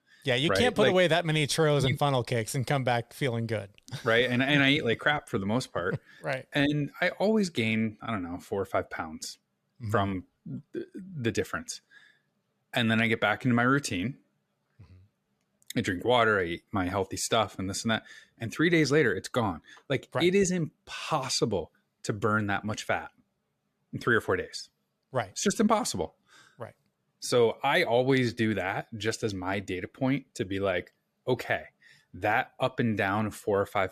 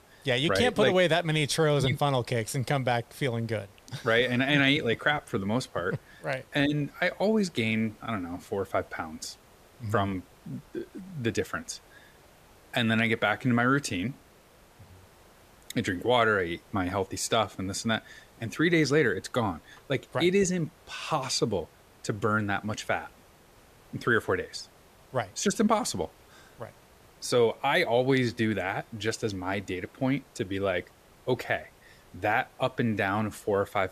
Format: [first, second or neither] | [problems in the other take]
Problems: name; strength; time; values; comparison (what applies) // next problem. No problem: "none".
first | hiss; faint; throughout; 30 dB below the speech